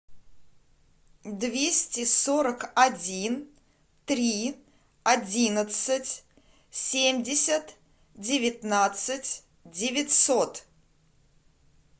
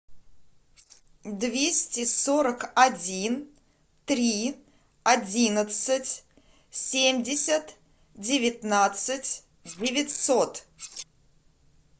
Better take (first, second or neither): first